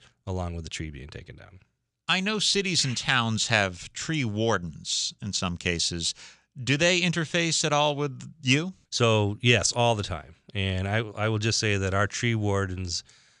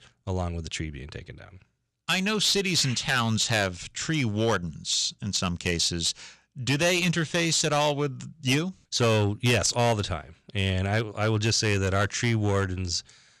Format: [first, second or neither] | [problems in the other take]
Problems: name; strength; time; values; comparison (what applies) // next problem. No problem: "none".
first | distortion; slight; 4% of the sound clipped